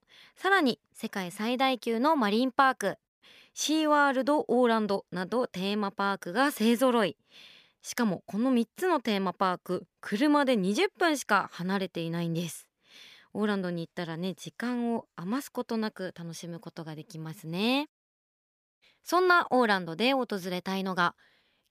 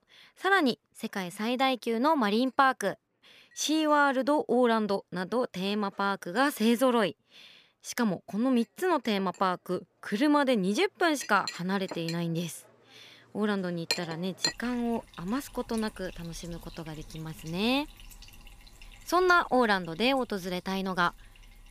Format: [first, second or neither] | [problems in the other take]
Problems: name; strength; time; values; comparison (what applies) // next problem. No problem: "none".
first | household noises; noticeable; throughout; 10 dB below the speech